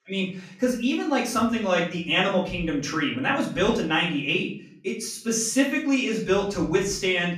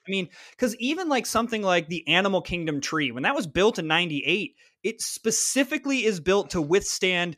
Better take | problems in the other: second | off-mic speech; far // room echo; slight; dies away in 0.5 s

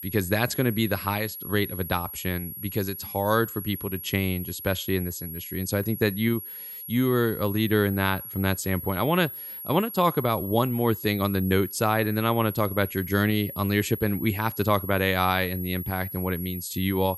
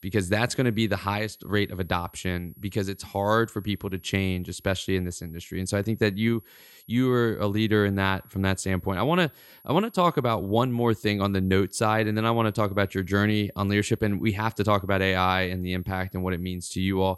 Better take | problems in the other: second | high-pitched whine; loud; throughout; 11.5 kHz, 9 dB below the speech; faint in the second

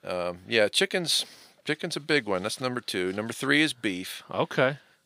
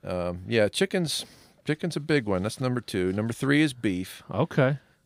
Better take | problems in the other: second | thin; very slightly; fading below 500 Hz

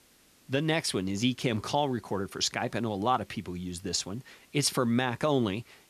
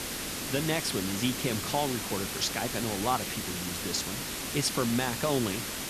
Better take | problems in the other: first | hiss; loud; throughout; 2 dB below the speech; faint in the first

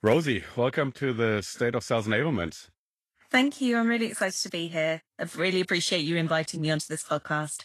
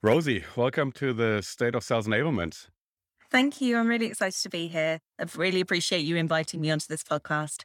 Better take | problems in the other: second | garbled, watery; slightly

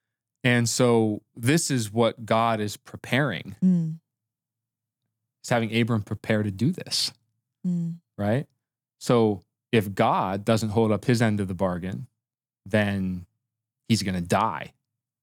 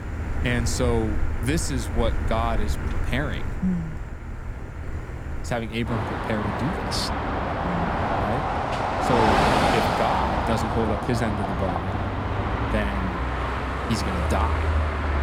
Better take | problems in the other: first | traffic noise; very loud; throughout; 2 dB above the speech

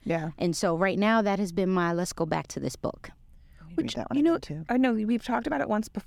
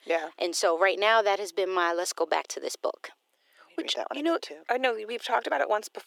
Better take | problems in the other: first | thin; very; fading below 400 Hz

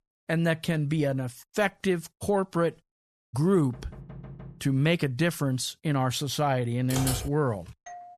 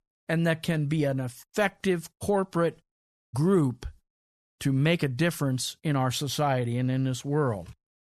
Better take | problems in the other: second | door banging; faint; from 3.5 to 4.5 s; peak 15 dB below the speech // keyboard typing; noticeable; at 7 s; peak 3 dB below the speech // doorbell; faint; at 8 s; peak 15 dB below the speech

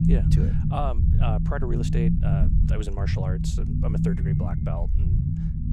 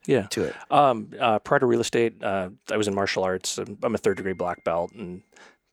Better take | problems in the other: second | low rumble; loud; throughout; 1 dB below the speech

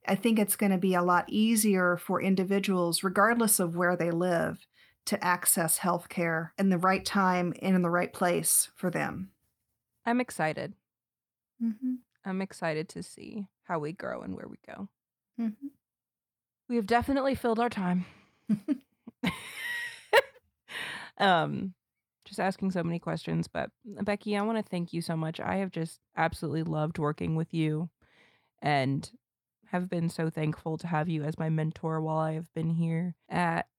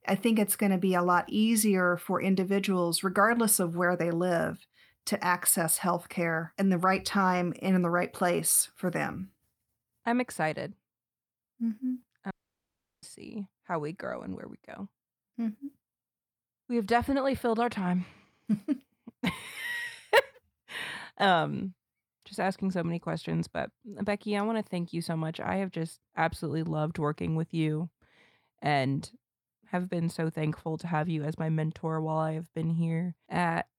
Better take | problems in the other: first | audio cutting out; at 12 s for 0.5 s

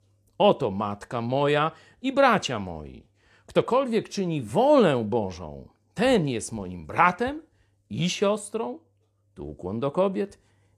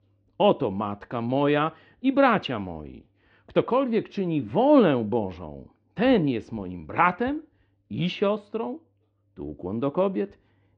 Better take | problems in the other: first | muffled; slightly; fading above 3.5 kHz

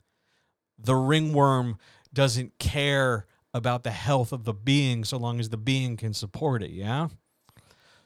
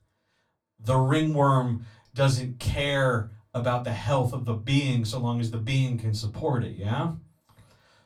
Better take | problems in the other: first | off-mic speech; far // room echo; very slight; dies away in 0.2 s

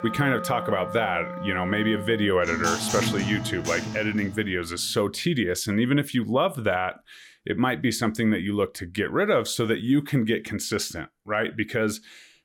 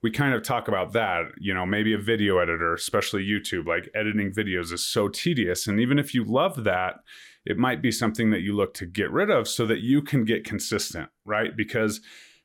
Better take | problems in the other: second | background music; loud; until 4 s; 7 dB below the speech

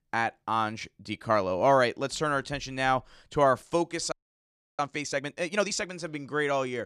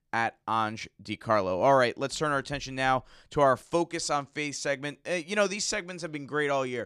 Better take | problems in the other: second | audio freezing; at 4 s for 0.5 s

